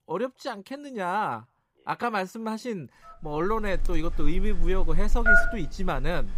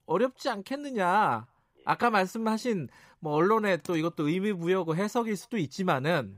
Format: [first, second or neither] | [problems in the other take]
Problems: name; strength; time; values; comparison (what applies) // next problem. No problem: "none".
second | alarms or sirens; very loud; from 3.5 s on; 3 dB above the speech